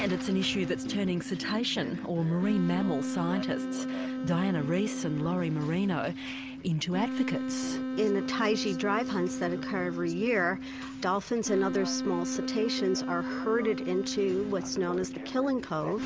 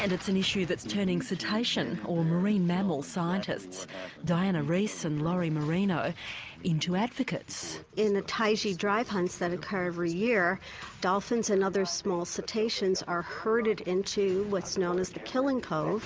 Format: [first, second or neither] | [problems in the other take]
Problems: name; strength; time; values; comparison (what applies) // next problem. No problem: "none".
second | background sound (Wind instrument, woodwind instrument); 5 dB below the speech